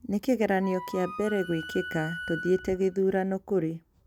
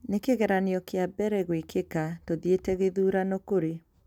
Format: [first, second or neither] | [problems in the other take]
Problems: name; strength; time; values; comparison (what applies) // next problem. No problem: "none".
second | background sound (Wind instrument, woodwind instrument); 11 dB below the speech